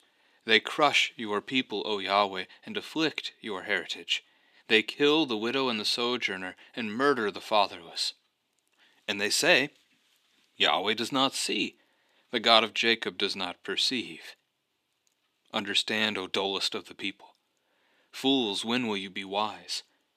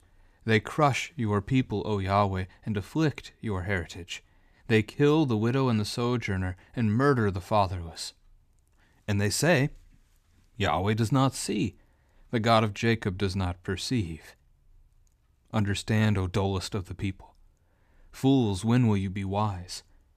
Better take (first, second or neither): second